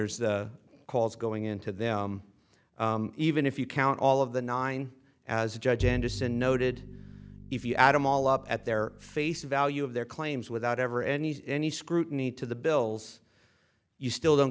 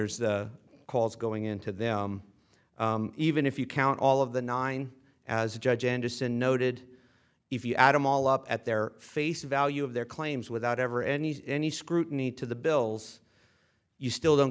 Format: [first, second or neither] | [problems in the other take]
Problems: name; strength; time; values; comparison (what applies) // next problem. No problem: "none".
second | background sound (Bowed string instrument); 9 dB below the speech